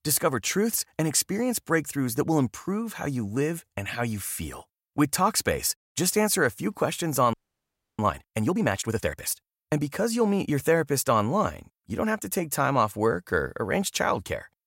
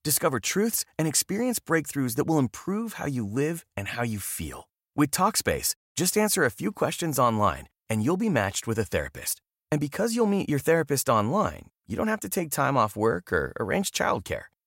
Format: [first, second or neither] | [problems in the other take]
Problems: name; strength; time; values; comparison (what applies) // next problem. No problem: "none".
second | audio freezing; at 7.5 s for 0.5 s